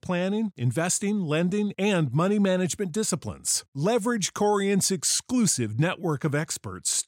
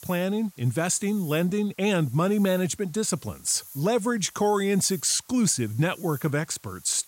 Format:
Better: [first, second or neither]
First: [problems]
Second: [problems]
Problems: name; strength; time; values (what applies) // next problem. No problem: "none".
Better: first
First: none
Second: hiss; faint; throughout; 20 dB below the speech